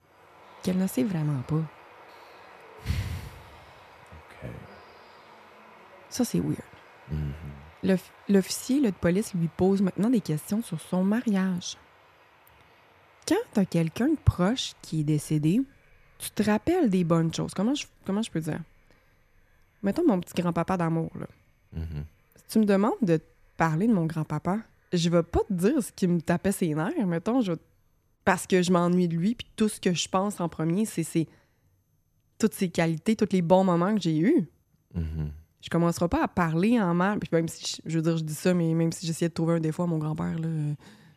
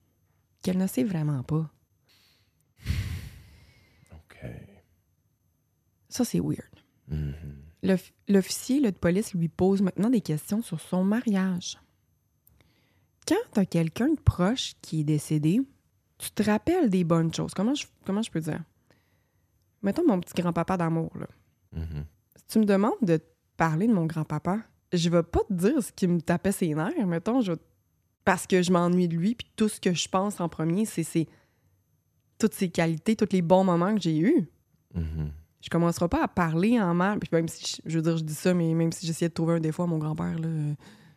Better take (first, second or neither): second